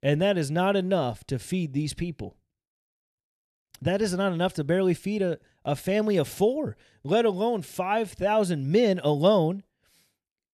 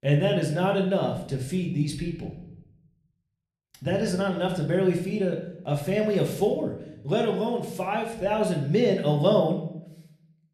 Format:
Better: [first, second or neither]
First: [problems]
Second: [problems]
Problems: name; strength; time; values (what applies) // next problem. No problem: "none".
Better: first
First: none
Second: room echo; slight; dies away in 0.6 s // off-mic speech; somewhat distant